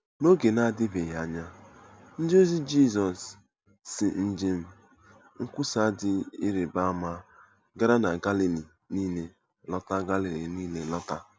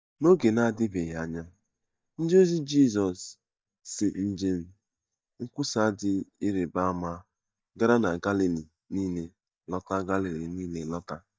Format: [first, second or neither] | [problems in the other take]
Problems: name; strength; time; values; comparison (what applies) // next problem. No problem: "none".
first | noise reduction (neural mask model DeepFilterNet 3)